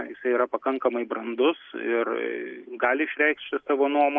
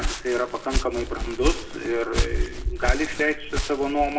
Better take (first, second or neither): first